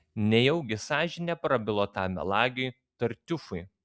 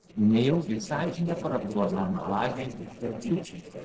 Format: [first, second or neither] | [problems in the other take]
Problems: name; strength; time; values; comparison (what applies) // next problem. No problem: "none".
first | noise reduction (neural separator model SepFormer DNS4)